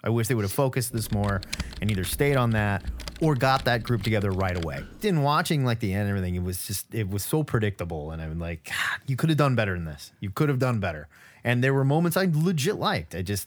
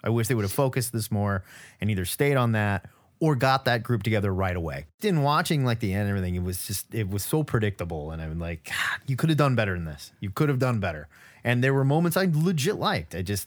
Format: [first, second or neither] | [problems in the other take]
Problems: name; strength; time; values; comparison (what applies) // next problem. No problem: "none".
second | keyboard typing; noticeable; from 1 to 5 s; peak 8 dB below the speech